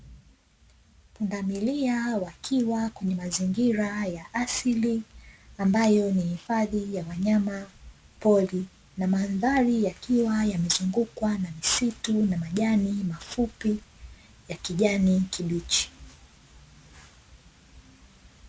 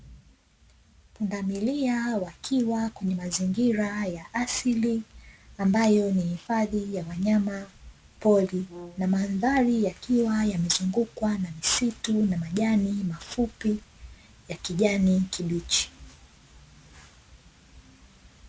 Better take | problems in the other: first | background sound (Brass instrument); 19 dB below the speech

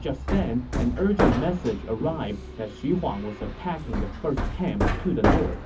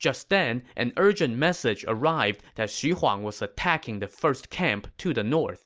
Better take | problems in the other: second | background sound (Hammer); as loud as the speech // room echo; dies away in 0.3 s

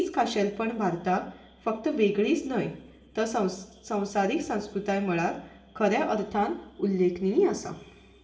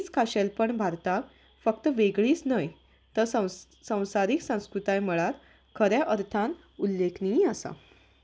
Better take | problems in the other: second | room echo; dies away in 0.8 s

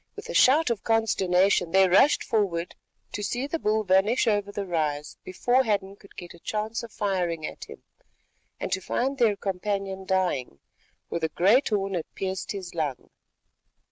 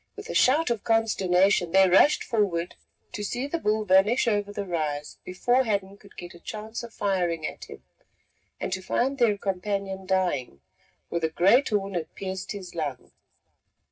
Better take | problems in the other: first | room echo; dies away in 0.4 s

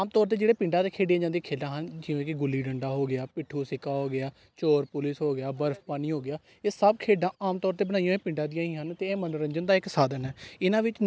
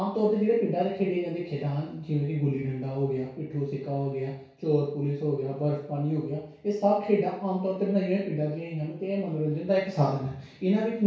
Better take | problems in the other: first | room echo; dies away in 0.6 s

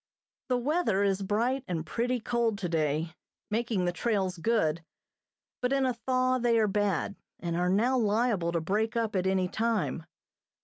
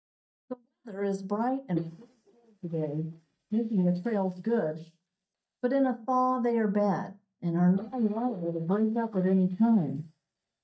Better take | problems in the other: first | noise reduction (neural mask model DeepFilterNet 3)

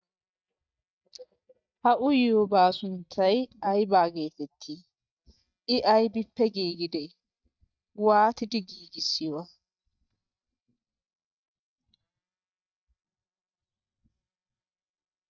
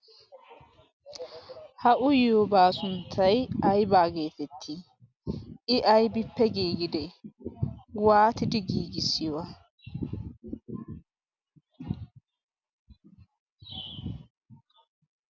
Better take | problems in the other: second | noise reduction (neural mask model DeepFilterNet 3)

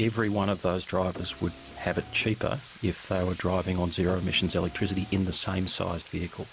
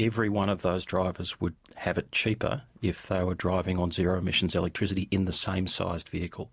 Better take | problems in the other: second | background sound (Bathtub (filling or washing) + Car); 18 dB below the speech

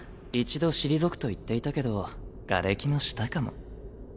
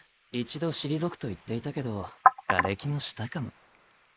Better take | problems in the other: first | noise reduction (neural mask model Resemble Enhance denoiser)

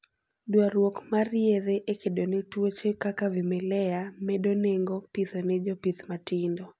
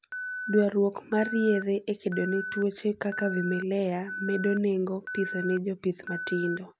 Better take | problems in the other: first | background sound (Alarm); 9 dB below the speech

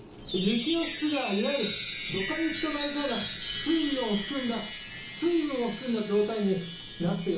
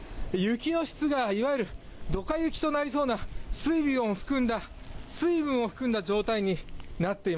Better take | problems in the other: second | background sound (Chime); 7 dB below the speech // room echo; dies away in 0.8 s

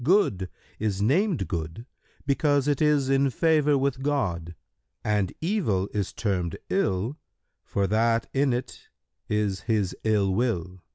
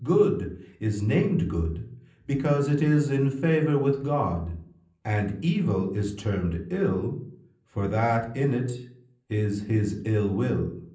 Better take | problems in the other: first | room echo; dies away in 0.6 s

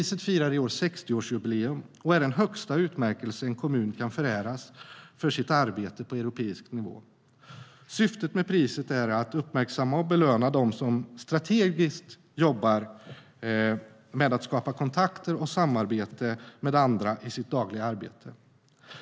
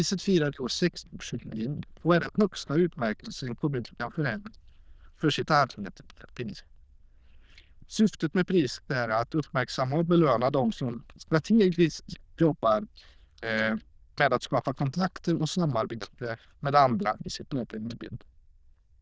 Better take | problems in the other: first | noise reduction (neural diffusion model UNIVERSE++)

